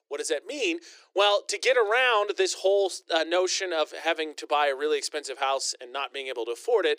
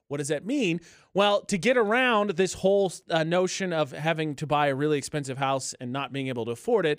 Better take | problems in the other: second | thin; very; fading below 350 Hz

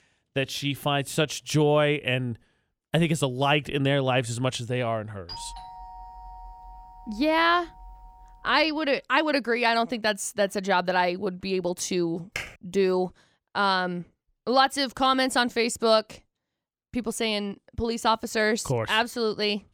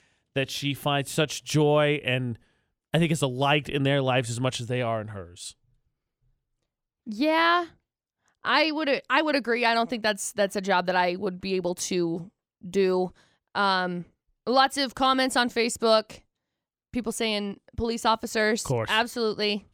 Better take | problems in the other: second | doorbell; faint; from 5.5 to 8.5 s; peak 15 dB below the speech // keyboard typing; noticeable; at 12 s; peak 10 dB below the speech

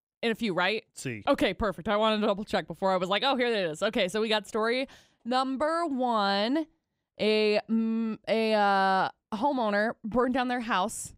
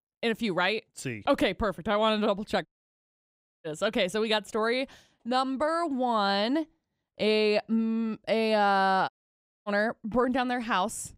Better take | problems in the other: first | audio cutting out; at 2.5 s for 1 s and at 9 s for 0.5 s

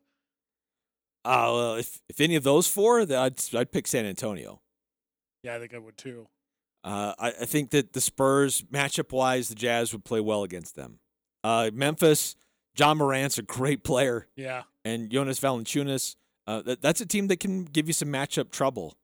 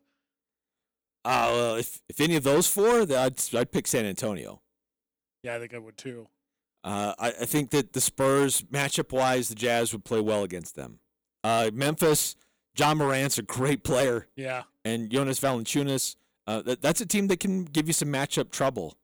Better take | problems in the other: first | distortion; slight; 5% of the sound clipped

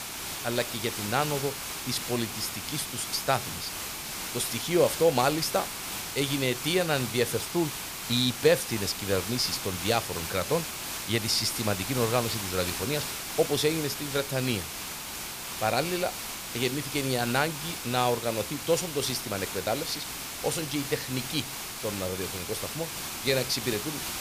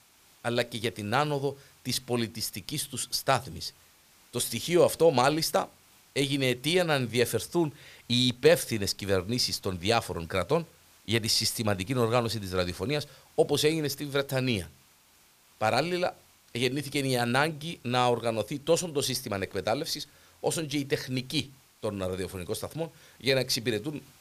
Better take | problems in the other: second | hiss; loud; throughout; 5 dB below the speech; faint in the second

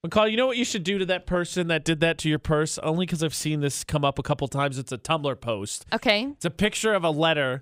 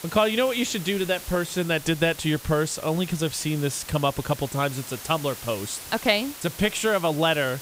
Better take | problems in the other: first | hiss; noticeable; throughout; 15 dB below the speech

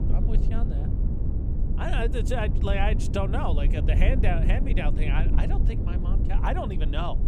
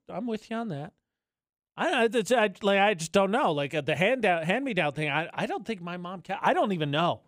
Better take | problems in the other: second | low rumble; loud; throughout; 8 dB below the speech

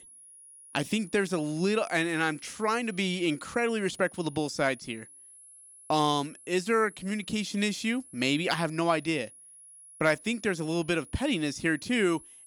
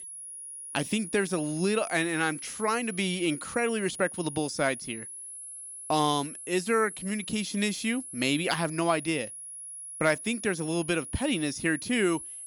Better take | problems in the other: first | high-pitched whine; loud; throughout; 10.5 kHz, 10 dB below the speech; faint in the first

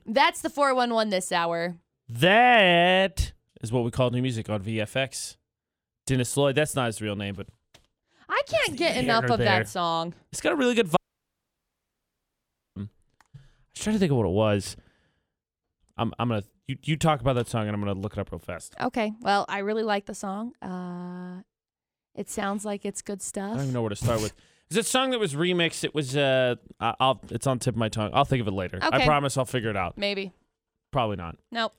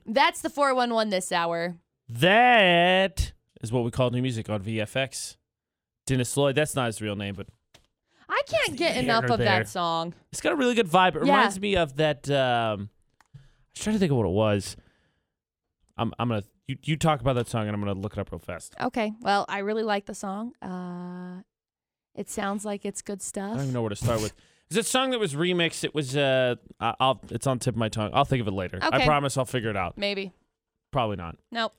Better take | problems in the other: second | audio cutting out; at 11 s for 2 s

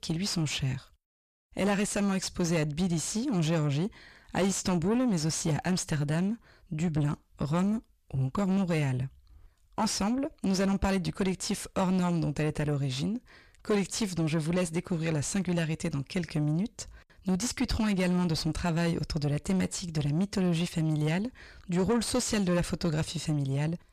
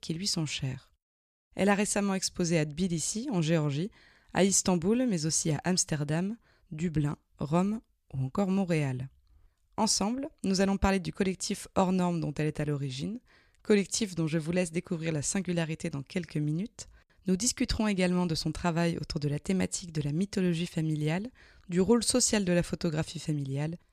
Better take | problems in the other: second | distortion; heavy; 7 dB below the speech

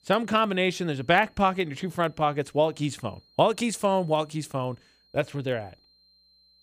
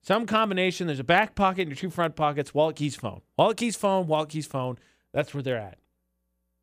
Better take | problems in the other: second | high-pitched whine; faint; throughout; 4 kHz, 35 dB below the speech

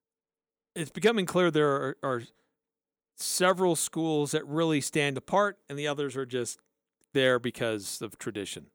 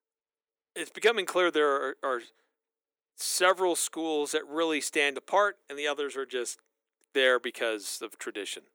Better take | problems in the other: first | thin; somewhat; fading below 350 Hz

